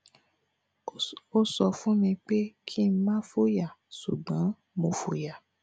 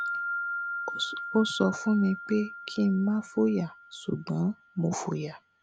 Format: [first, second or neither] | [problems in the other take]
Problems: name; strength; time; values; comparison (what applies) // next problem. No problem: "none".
first | background sound (Wind chime); 9 dB below the speech